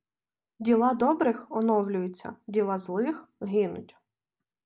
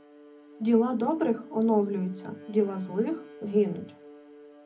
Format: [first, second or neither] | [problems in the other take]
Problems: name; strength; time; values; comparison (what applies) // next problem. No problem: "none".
first | background sound (Bowed string instrument); 19 dB below the speech // room echo; dies away in 0.4 s